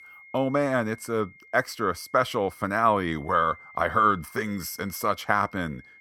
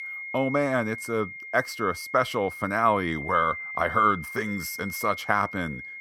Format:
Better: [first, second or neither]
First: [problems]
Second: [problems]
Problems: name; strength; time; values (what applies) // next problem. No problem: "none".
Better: first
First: high-pitched whine; faint; throughout; 2 kHz, 25 dB below the speech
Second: high-pitched whine; loud; throughout; 2 kHz, 9 dB below the speech